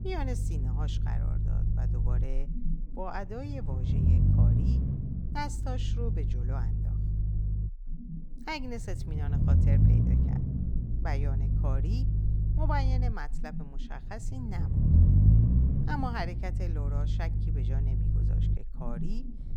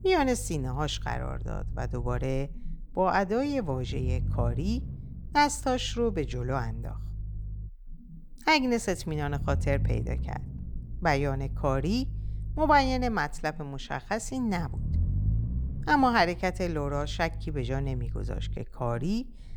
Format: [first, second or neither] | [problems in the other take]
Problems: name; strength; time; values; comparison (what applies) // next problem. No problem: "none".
second | low rumble; loud; throughout; 2 dB below the speech; faint in the second